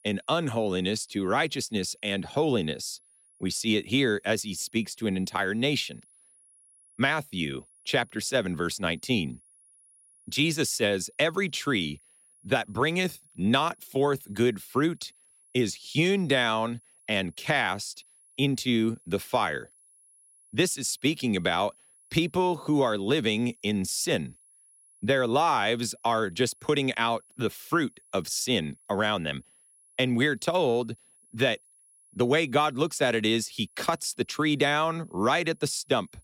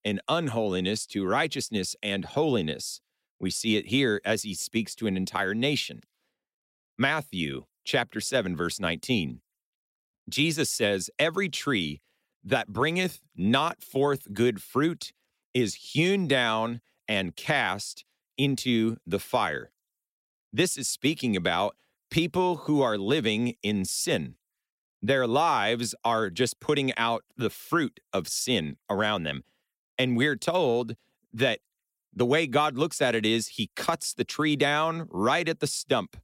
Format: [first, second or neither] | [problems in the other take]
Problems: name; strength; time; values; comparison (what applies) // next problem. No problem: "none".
second | high-pitched whine; faint; throughout; 10.5 kHz, 30 dB below the speech